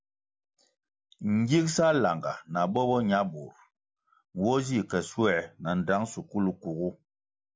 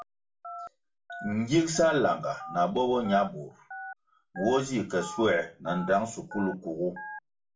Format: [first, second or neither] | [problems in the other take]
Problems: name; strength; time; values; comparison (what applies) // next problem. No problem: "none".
first | background sound (Telephone); 15 dB below the speech // room echo; dies away in 0.2 s